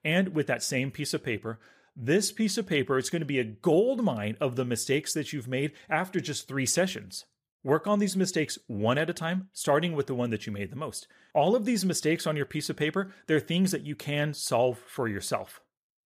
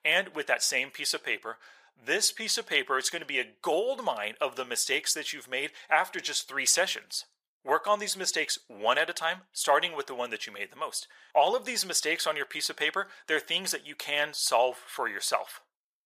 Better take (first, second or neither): first